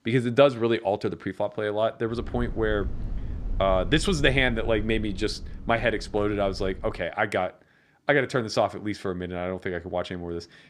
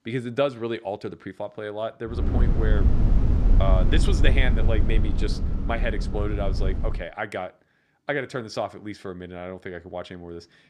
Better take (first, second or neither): first